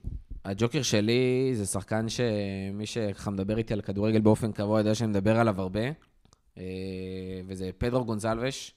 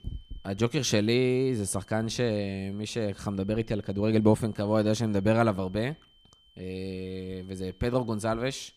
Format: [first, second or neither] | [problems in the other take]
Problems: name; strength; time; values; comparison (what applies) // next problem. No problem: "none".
first | high-pitched whine; faint; throughout; 3 kHz, 30 dB below the speech